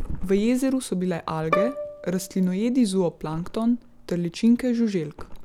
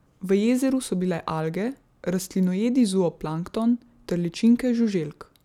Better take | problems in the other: second | background sound (Thump, thud + Bowed string instrument); 9 dB below the speech

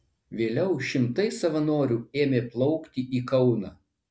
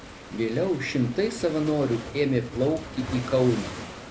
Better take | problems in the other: first | background sound (Waves, surf); 12 dB below the speech

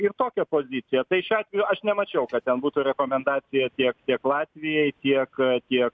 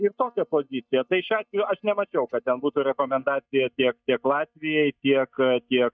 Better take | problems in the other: first | noise reduction (neural mask model DeepFilterNet 3)

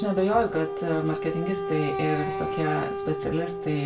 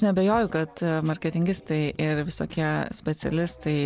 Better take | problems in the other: second | background sound (Wind instrument, woodwind instrument); 4 dB below the speech // room echo; dies away in 0.3 s

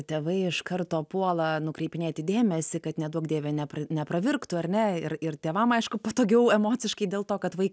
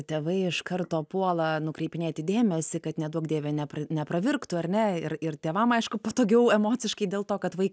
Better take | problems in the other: first | noise reduction (neural mask model DeepFilterNet 3)

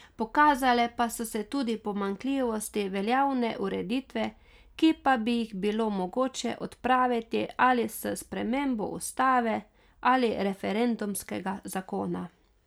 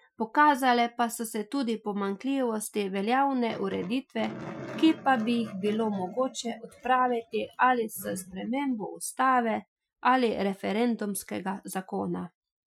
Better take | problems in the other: first | noise reduction (classical method Wiener filter)

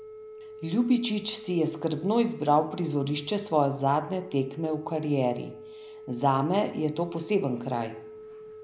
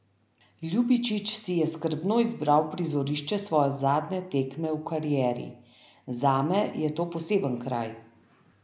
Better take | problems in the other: second | background sound (Telephone); 16 dB below the speech

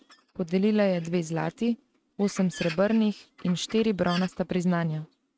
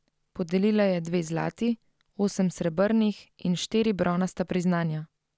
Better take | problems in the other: second | noise reduction (neural mask model RNNoise)

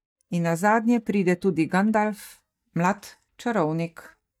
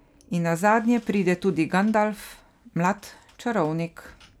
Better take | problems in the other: second | noise reduction (neural mask model DeepFilterNet 3)

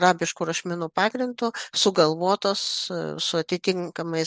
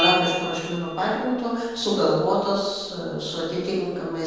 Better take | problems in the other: first | background sound (Bell); 9 dB below the speech // room echo; dies away in 1.2 s

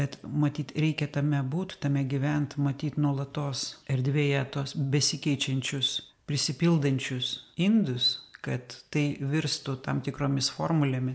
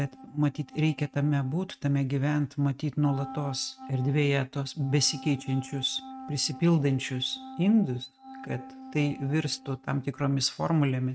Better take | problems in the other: first | noise reduction (neural mask model RNNoise)

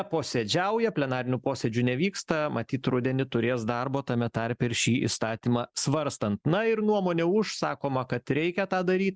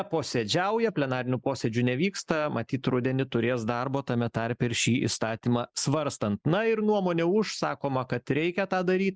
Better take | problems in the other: first | noise reduction (neural mask model Resemble Enhance denoiser)

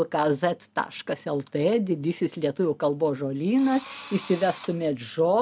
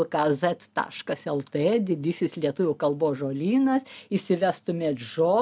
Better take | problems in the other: second | background sound (Engine / Drill); 18 dB below the speech

